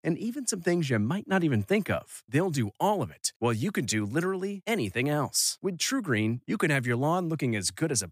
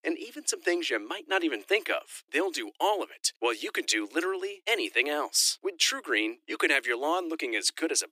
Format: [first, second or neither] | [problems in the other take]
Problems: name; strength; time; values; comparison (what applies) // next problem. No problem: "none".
first | thin; very; fading below 300 Hz